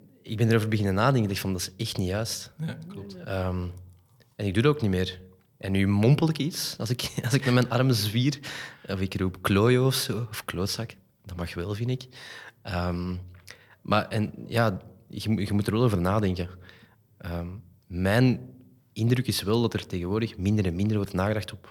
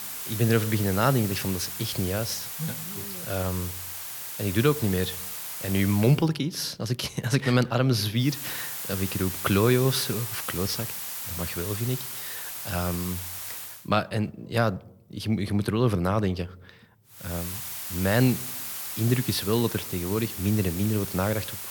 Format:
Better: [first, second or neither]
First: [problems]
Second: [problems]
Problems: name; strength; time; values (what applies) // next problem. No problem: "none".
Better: first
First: none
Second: hiss; loud; until 6 s, from 8.5 to 14 s and from 17 s on; 6 dB below the speech